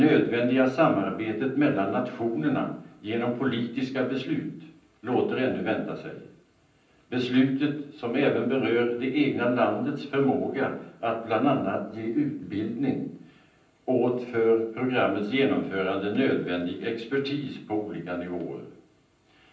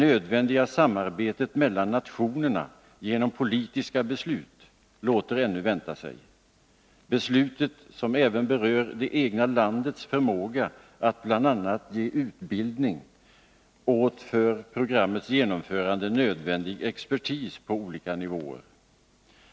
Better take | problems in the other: second | room echo; dies away in 0.6 s

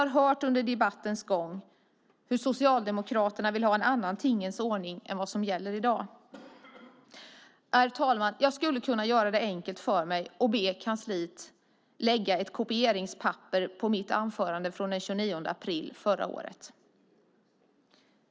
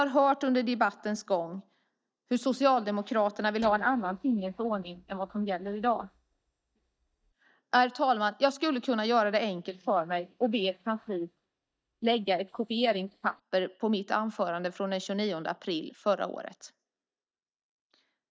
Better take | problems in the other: first | noise reduction (neural mask model DeepFilterNet 3)

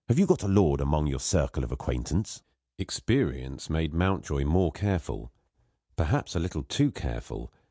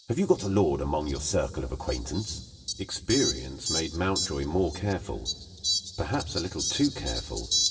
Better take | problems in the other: first | background sound (Fowl); 5 dB below the speech // room echo; dies away in 2.9 s

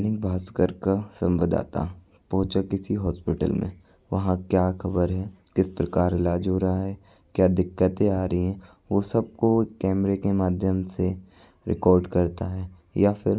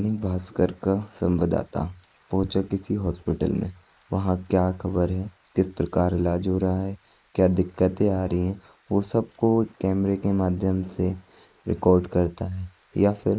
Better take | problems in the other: first | noise reduction (neural mask model Resemble Enhance denoiser)

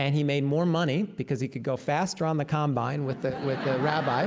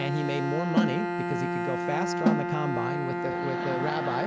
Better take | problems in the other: first | background sound (Snare drum + Bowed string instrument); 2 dB above the speech

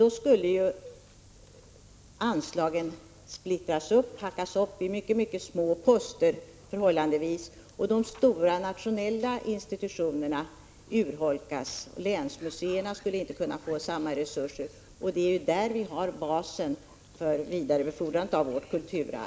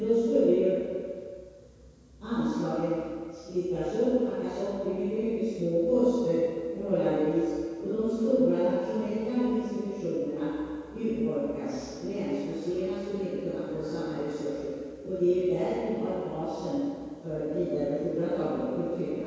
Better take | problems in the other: first | room echo; dies away in 2 s

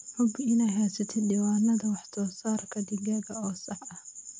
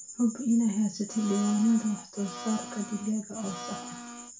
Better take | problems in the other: first | background sound (Domestic sounds, home sounds); 13 dB below the speech // room echo; dies away in 0.2 s

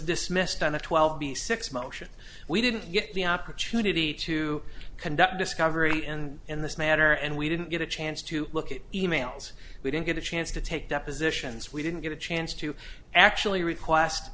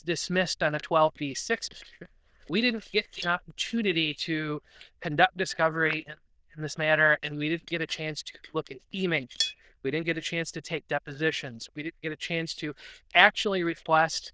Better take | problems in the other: first | noise reduction (neural diffusion model UNIVERSE++)

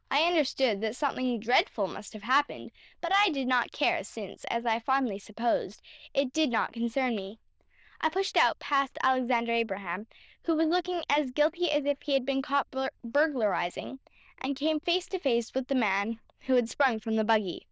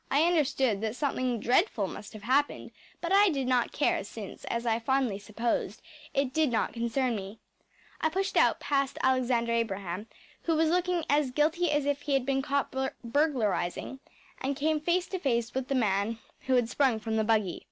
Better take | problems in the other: second | noise reduction (neural diffusion model UNIVERSE++)

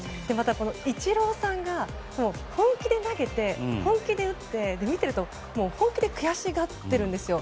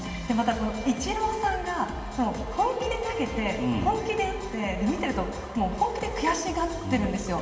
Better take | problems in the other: first | room echo; dies away in 2.9 s

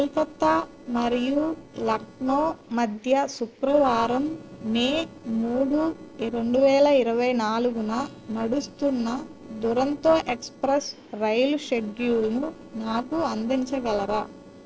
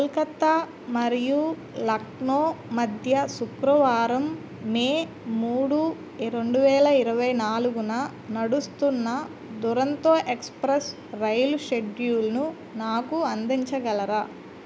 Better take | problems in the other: second | noise reduction (neural separator model SepFormer DNS4)

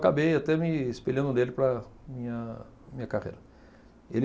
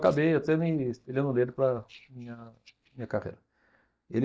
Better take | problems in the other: first | noise reduction (neural mask model DeepFilterNet 3)

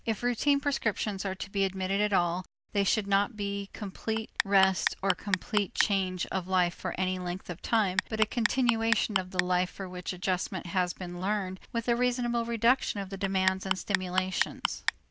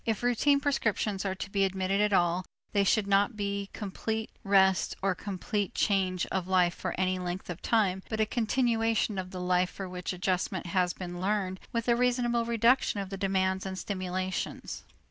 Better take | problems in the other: second | background sound (Clock); 4 dB below the speech

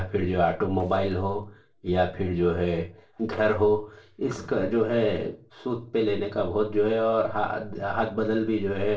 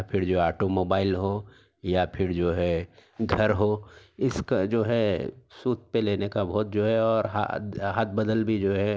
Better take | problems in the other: second | noise reduction (neural separator model SepFormer DNS4)

